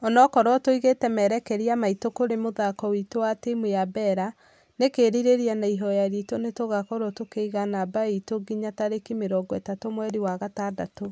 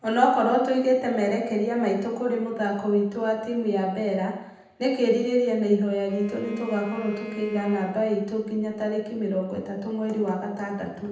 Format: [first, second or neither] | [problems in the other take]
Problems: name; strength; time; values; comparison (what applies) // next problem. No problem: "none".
first | background sound (Bowed string instrument); 13 dB below the speech // room echo; dies away in 0.9 s